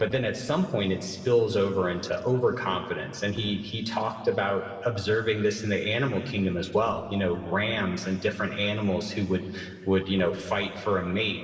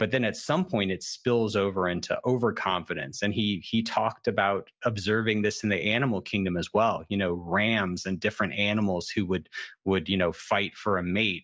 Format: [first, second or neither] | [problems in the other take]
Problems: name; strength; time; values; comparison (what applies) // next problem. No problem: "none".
second | noise reduction (neural separator model SepFormer DNS4)